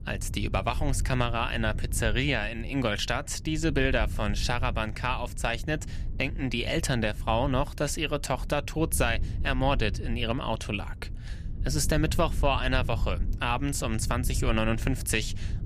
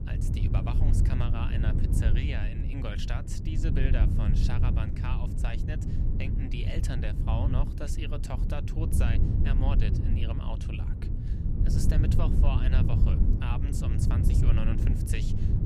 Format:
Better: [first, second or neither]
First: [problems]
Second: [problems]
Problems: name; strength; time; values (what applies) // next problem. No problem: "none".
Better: first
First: low rumble; faint; throughout; 20 dB below the speech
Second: low rumble; loud; throughout; 1 dB below the speech